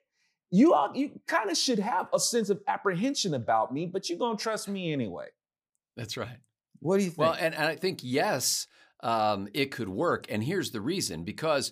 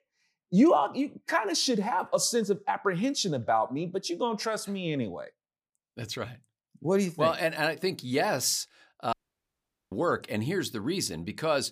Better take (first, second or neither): first